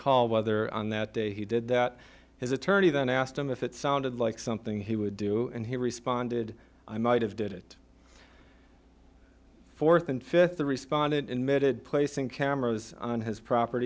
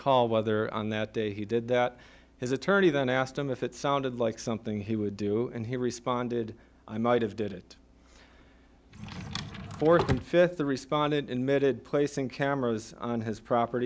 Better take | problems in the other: first | background sound (Drawer open or close); 7 dB below the speech

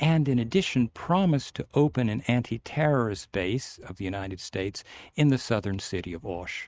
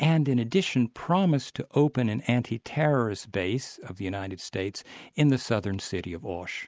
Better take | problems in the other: second | noise reduction (neural mask model RNNoise)

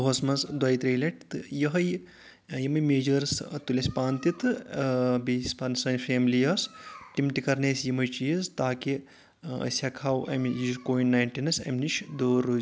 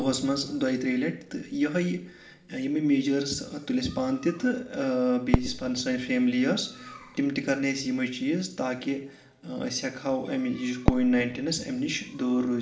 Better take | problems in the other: first | background sound (Fireworks); 10 dB below the speech // room echo; dies away in 1.7 s

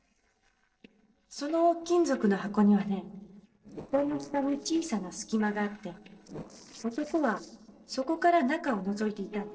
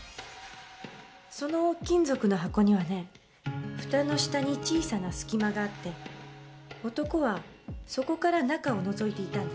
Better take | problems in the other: second | noise reduction (neural separator model SepFormer DNS4)

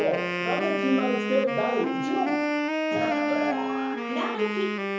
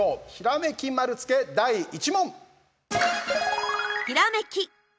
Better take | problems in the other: second | background sound (Wind instrument, woodwind instrument); 1 dB above the speech // room echo; dies away in 0.7 s

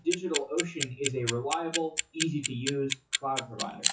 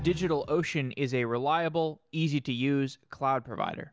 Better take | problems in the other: second | noise reduction (classical method WPE with log-MMSE)

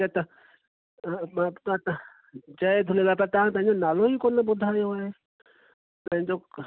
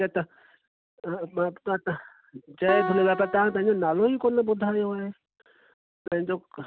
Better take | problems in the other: first | background sound (Piano); 8 dB below the speech

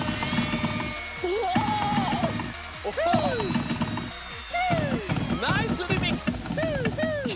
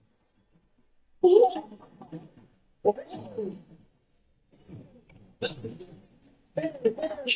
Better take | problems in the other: first | noise reduction (neural mask model DeepFilterNet 3)

